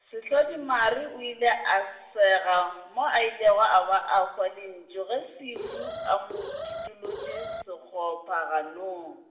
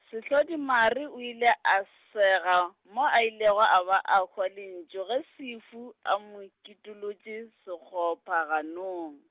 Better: second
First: background sound (Alarm); 9 dB below the speech // room echo; dies away in 1 s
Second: none

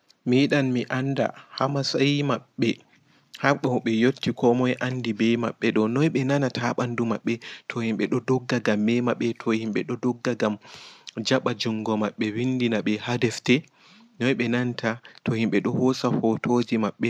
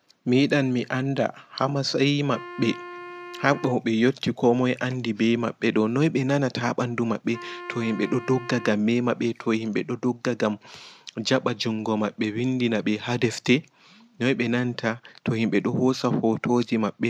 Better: first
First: none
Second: background sound (Wind instrument, woodwind instrument); 17 dB below the speech

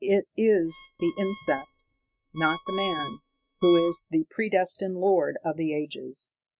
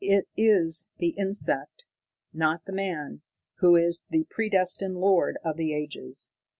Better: second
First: noise reduction (neural mask model RNNoise)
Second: none

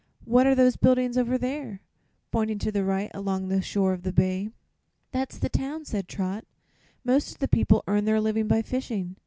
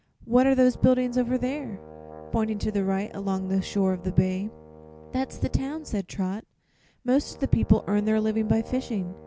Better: first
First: none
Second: background sound (Brass instrument); 20 dB below the speech

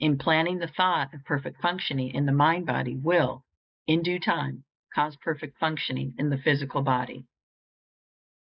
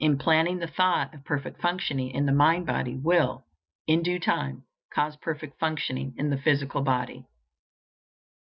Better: second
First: noise reduction (neural mask model Resemble Enhance denoiser)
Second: none

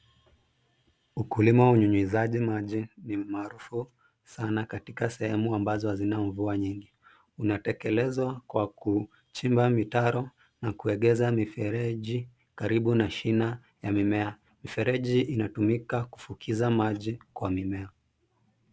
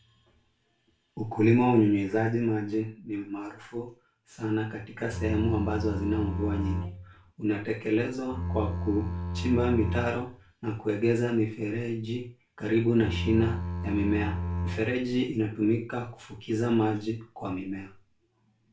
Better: first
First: none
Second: background sound (Bowed string instrument); 3 dB below the speech // room echo; dies away in 0.3 s

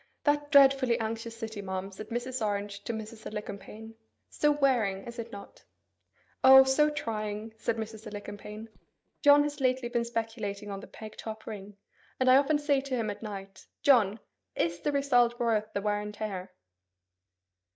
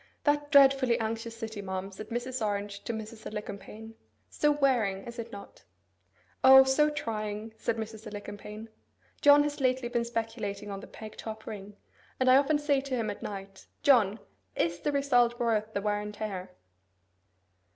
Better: second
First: noise reduction (neural mask model DeepFilterNet 3)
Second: none

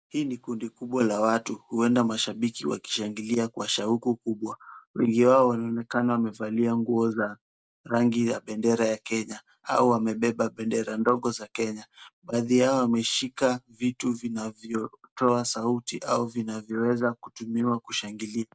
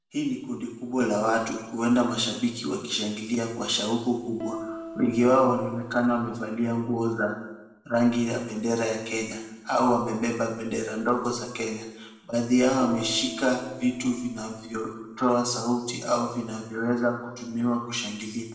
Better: first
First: none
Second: background sound (Piano); 13 dB below the speech // room echo; dies away in 0.9 s

